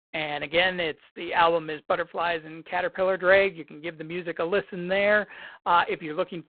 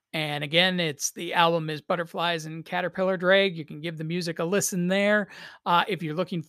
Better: second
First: phone-call audio; poor line; nothing above 4 kHz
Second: none

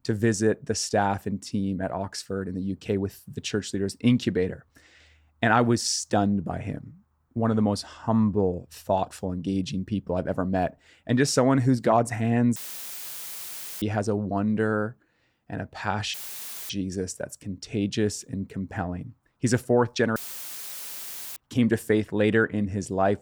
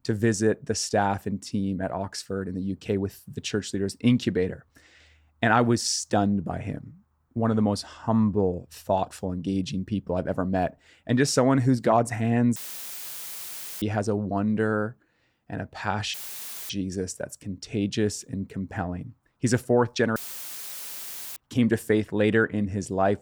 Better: neither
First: audio cutting out; filled with static; at 13 s for 1.5 s, at 16 s for 0.5 s and at 20 s for 1 s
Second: audio cutting out; filled with static; at 13 s for 1.5 s, at 16 s for 0.5 s and at 20 s for 1 s

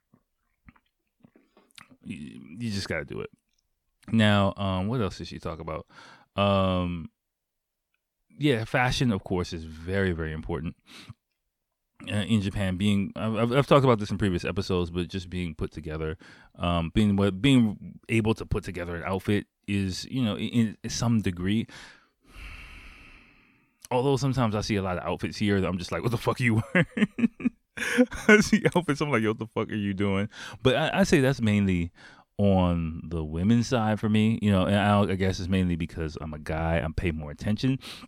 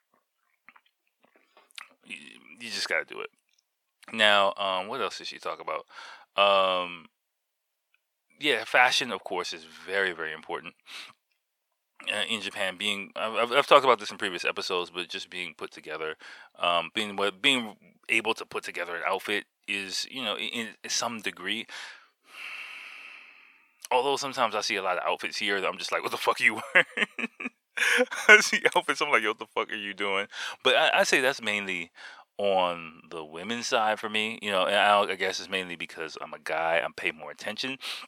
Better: first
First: none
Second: thin; very; fading below 700 Hz

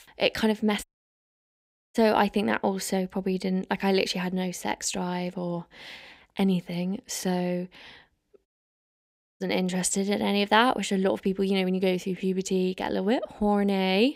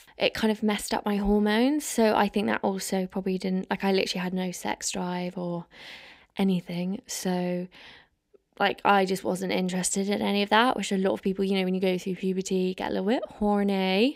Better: second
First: audio cutting out; at 1 s for 1 s and at 8.5 s for 1 s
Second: none

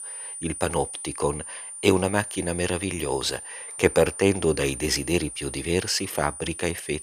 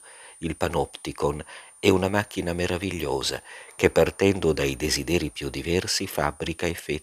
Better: second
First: high-pitched whine; loud; throughout; 9.5 kHz, 9 dB below the speech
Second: high-pitched whine; faint; throughout; 9.5 kHz, 25 dB below the speech

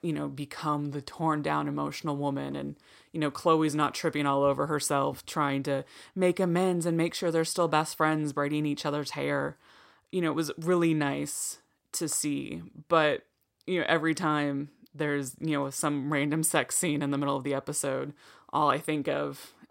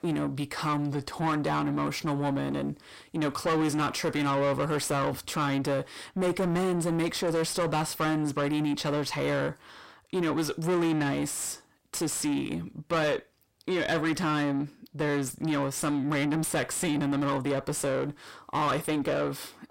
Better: first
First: none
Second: distortion; heavy; 6 dB below the speech

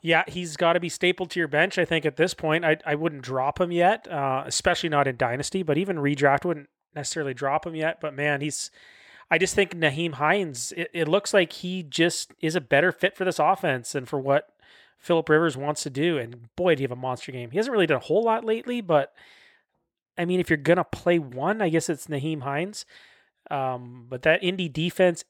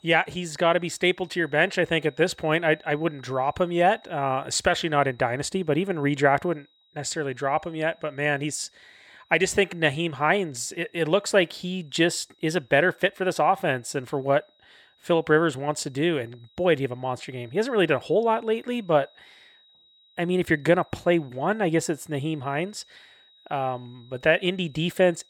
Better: first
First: none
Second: high-pitched whine; faint; throughout; 4 kHz, 35 dB below the speech

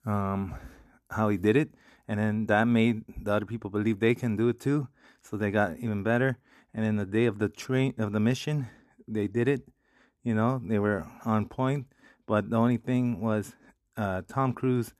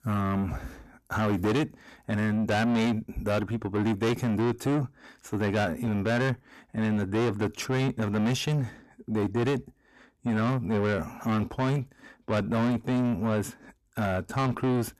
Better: first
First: none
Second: distortion; heavy; 6 dB below the speech

